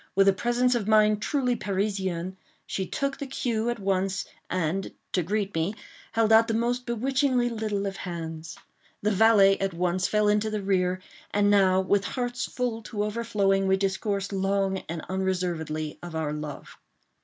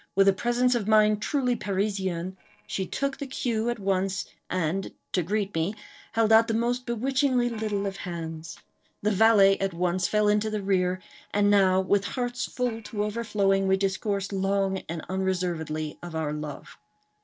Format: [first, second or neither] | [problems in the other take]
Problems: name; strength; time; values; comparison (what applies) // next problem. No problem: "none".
first | noise reduction (neural separator model SepFormer DNS4)